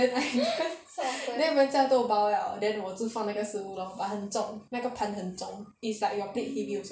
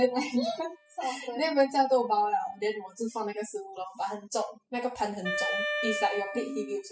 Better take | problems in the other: first | noise reduction (classical method spectral subtraction)

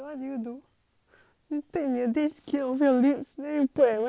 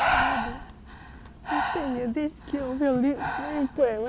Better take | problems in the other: first | background sound (Breathing); 2 dB below the speech

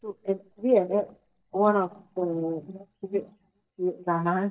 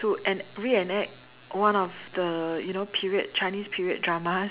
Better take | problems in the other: second | noise reduction (neural mask model DeepFilterNet 3)

